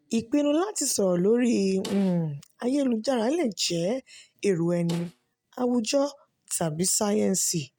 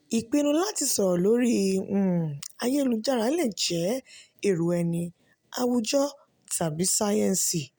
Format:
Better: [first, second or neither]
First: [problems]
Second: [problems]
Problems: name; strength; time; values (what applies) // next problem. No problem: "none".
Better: second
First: noise reduction (neural mask model RNNoise)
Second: none